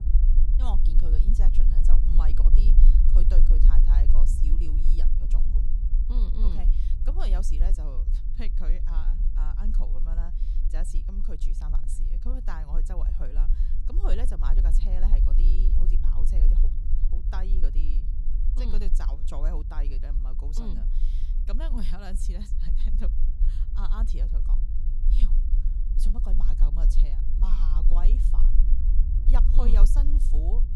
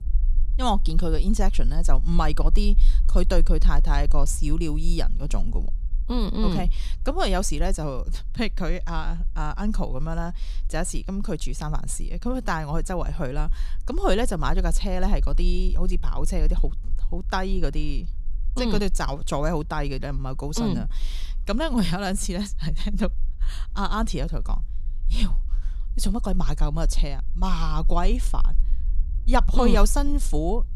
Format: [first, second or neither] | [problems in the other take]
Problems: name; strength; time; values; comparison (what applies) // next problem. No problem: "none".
second | low rumble; loud; throughout; 5 dB below the speech; faint in the second